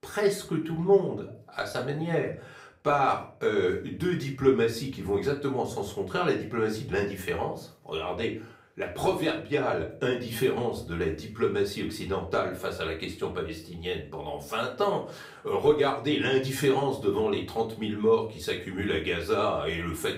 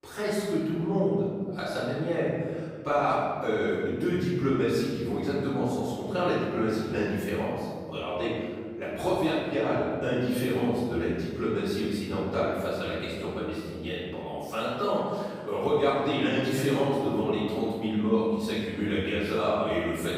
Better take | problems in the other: first | room echo; strong; dies away in 1.9 s; slight in the first // off-mic speech; far; far in the first

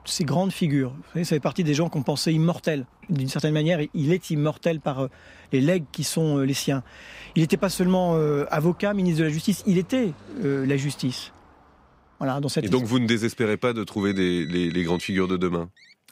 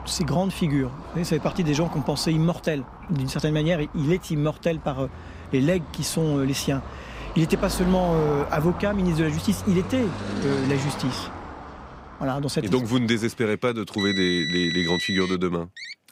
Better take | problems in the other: first | traffic noise; loud; throughout; 8 dB below the speech; faint in the first

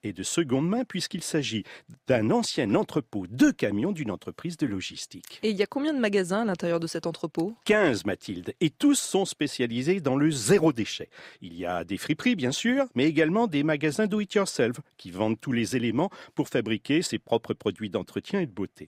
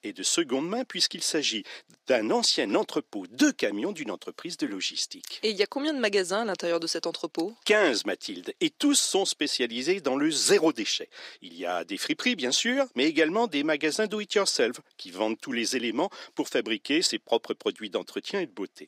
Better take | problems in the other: first | thin; very slightly; fading below 300 Hz

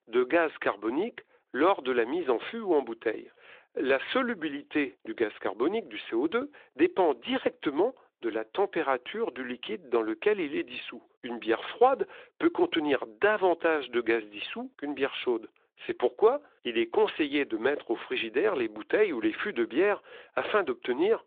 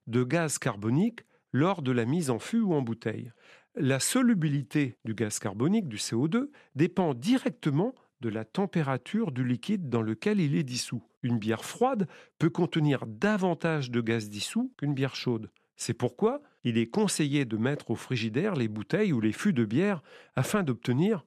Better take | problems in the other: second | phone-call audio; nothing above 3.5 kHz

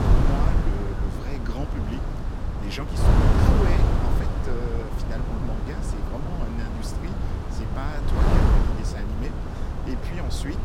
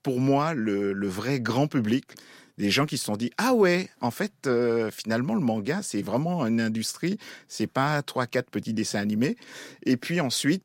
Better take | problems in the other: second | wind noise on the microphone; heavy; 4 dB above the speech

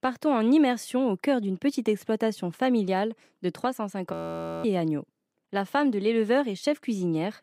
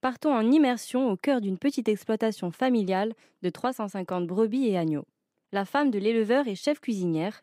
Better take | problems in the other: second | audio freezing; at 4 s for 0.5 s

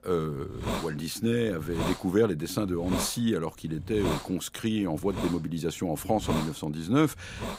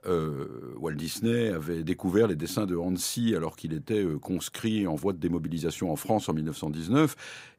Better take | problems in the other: second | hiss; loud; throughout; 7 dB below the speech

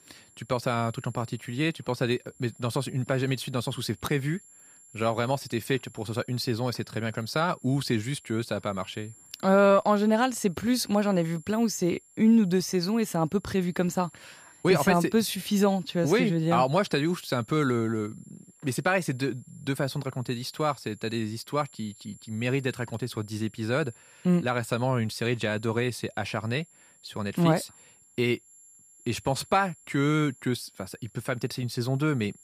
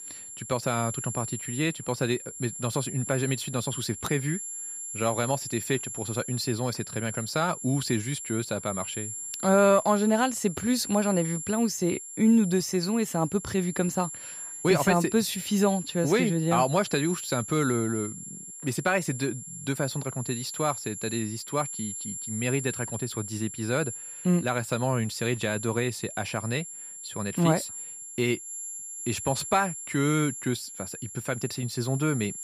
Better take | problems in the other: first | high-pitched whine; loud; throughout; 7.5 kHz, 8 dB below the speech; faint in the first

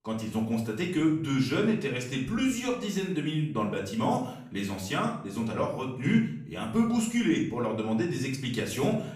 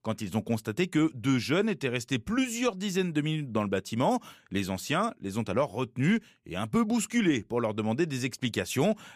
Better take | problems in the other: second | room echo; slight; dies away in 0.6 s // off-mic speech; far

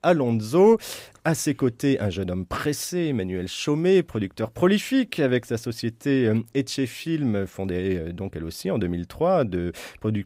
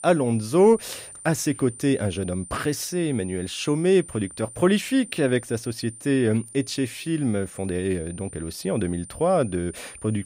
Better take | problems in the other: first | high-pitched whine; noticeable; throughout; 9 kHz, 15 dB below the speech

